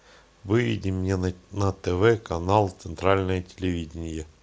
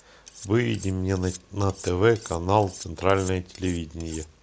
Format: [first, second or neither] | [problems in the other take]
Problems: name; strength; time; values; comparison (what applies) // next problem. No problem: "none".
first | background sound (Cutlery, silverware); 19 dB below the speech